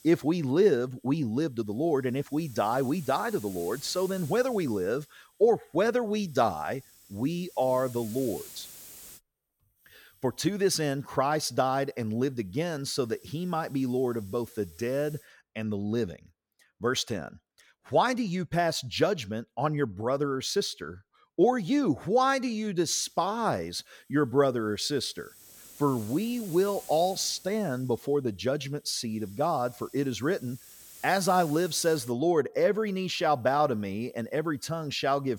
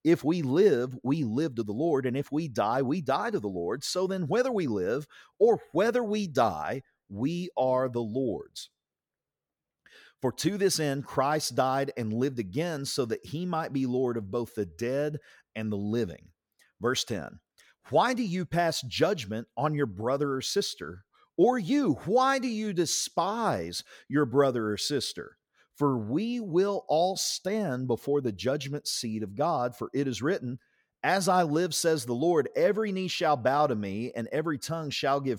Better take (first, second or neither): second